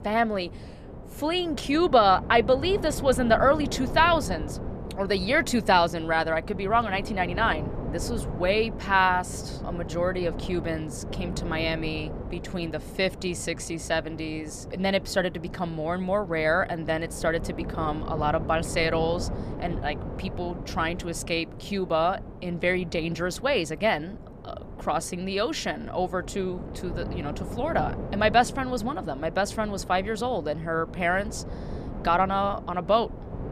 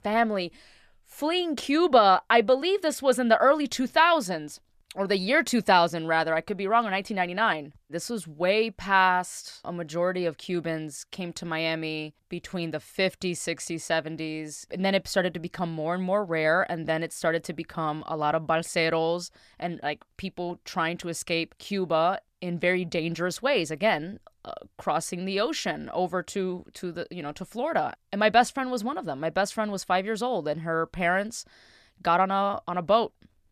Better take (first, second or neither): second